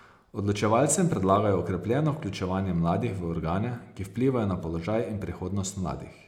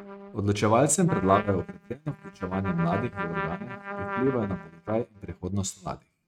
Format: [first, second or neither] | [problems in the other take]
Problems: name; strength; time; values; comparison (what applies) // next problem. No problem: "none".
first | noise reduction (neural mask model RNNoise)